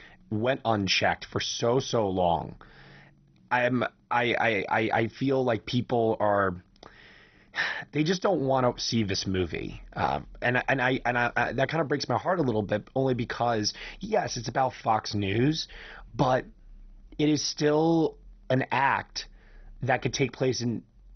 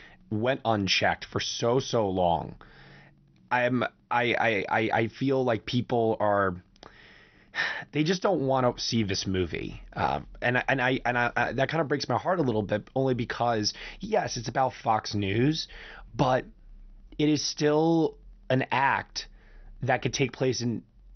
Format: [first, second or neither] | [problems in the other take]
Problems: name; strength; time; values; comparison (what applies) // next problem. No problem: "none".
second | garbled, watery; badly; nothing above 6 kHz; slightly in the second